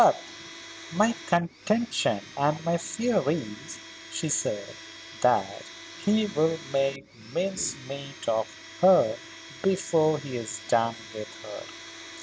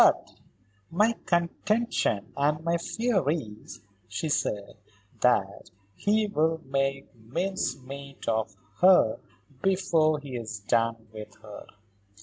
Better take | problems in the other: second | background sound (Domestic sounds, home sounds); 17 dB below the speech

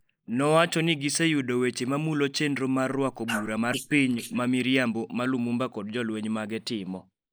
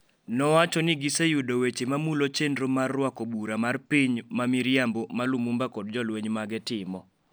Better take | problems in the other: second | noise reduction (neural mask model Resemble Enhance denoiser)

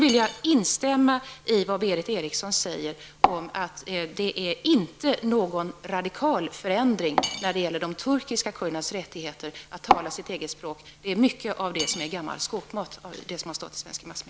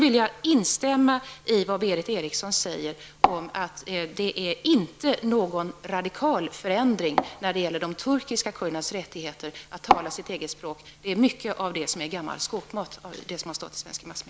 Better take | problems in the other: second | background sound (Cutlery, silverware / Dishes, pots, and pans); 12 dB below the speech

